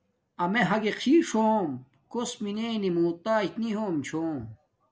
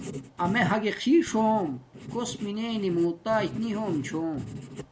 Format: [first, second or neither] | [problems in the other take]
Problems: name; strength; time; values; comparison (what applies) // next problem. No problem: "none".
first | background sound (Writing); 12 dB below the speech